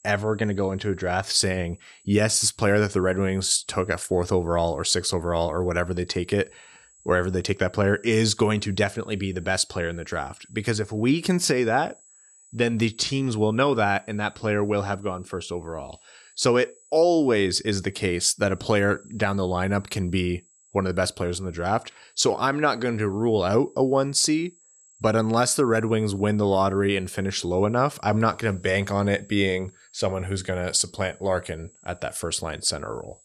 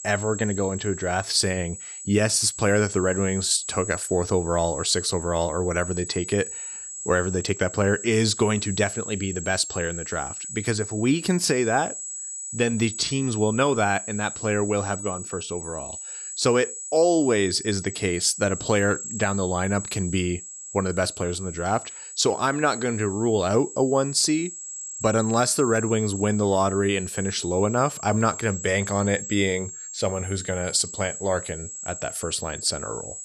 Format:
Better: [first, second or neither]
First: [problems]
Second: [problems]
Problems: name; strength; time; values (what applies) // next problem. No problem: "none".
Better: first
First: high-pitched whine; faint; throughout; 7.5 kHz, 30 dB below the speech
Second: high-pitched whine; loud; throughout; 7.5 kHz, 9 dB below the speech